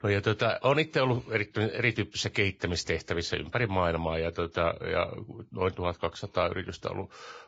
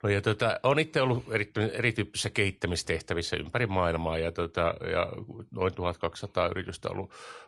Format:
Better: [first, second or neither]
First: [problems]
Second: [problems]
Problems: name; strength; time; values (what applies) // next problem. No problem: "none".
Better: second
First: garbled, watery; badly; nothing above 7.5 kHz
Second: garbled, watery; slightly; nothing above 10.5 kHz